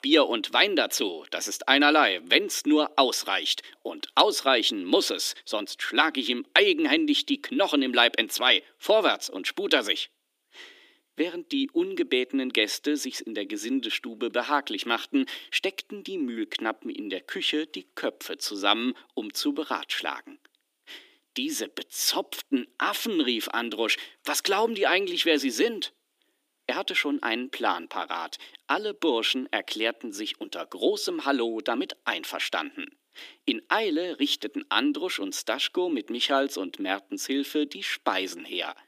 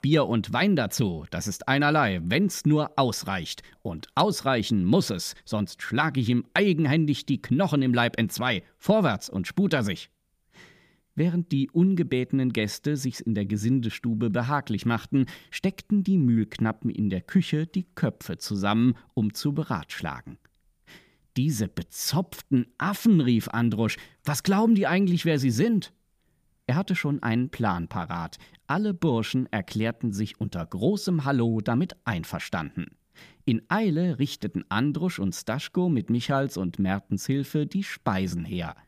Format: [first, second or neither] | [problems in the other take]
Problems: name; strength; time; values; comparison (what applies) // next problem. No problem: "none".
second | thin; somewhat; fading below 300 Hz